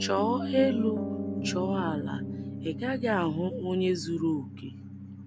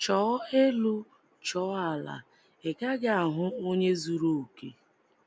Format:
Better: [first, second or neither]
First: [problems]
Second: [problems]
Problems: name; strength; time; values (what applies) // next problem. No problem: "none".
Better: second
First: background sound (Piano); 4 dB below the speech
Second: none